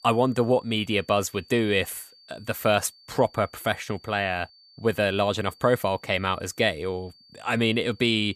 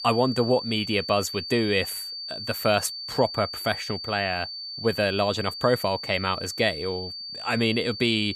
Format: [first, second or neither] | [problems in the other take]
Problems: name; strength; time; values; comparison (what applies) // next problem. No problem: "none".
first | high-pitched whine; loud; throughout; 4.5 kHz, 7 dB below the speech; faint in the first